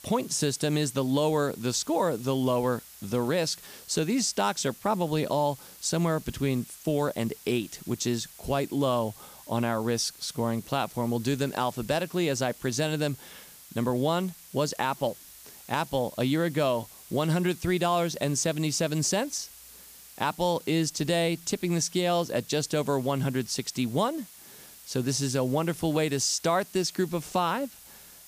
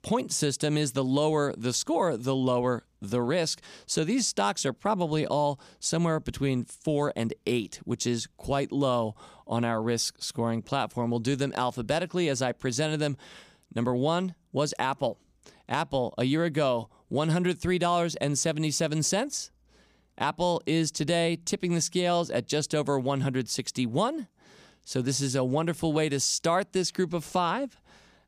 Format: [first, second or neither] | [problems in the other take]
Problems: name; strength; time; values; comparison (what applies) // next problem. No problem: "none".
second | hiss; noticeable; throughout; 20 dB below the speech